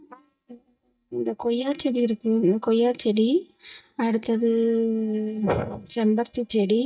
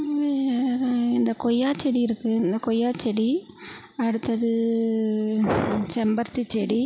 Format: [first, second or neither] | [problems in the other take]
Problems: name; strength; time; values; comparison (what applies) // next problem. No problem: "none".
second | noise reduction (neural mask model DeepFilterNet 3)